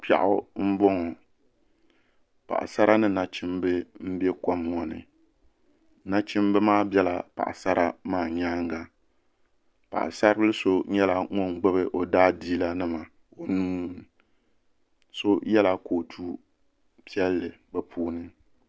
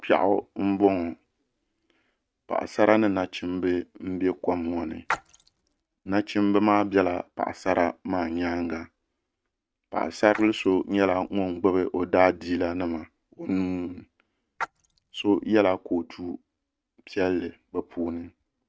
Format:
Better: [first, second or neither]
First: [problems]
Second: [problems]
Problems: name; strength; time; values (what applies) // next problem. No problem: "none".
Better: first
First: none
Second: noise reduction (neural mask model RNNoise)